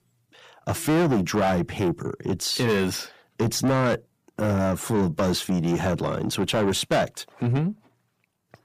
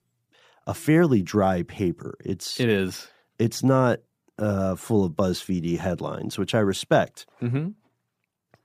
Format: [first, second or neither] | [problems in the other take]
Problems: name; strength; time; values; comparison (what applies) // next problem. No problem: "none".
second | distortion; heavy; 6 dB below the speech